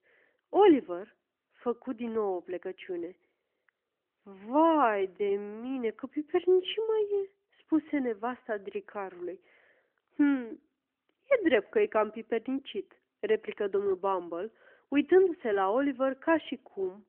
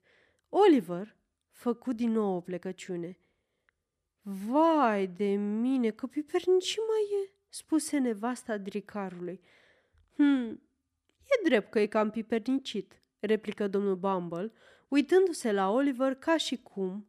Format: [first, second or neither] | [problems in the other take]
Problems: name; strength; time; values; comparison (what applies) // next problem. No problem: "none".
second | phone-call audio; nothing above 3 kHz